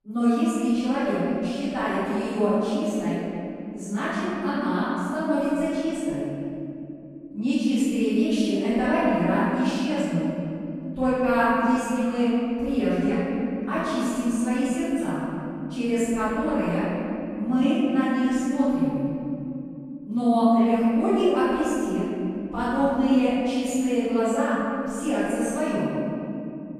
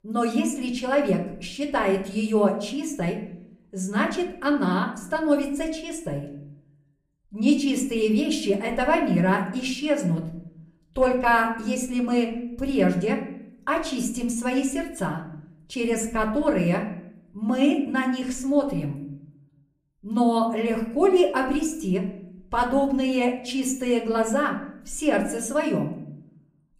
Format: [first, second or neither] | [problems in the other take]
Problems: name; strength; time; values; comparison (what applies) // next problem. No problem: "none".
second | room echo; strong; dies away in 3 s; slight in the second // off-mic speech; far; somewhat distant in the second